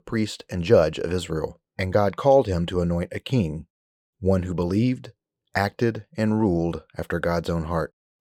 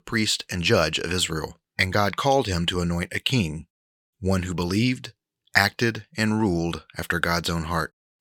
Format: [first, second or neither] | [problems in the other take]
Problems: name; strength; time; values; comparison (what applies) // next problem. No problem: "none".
second | muffled; slightly; fading above 1.5 kHz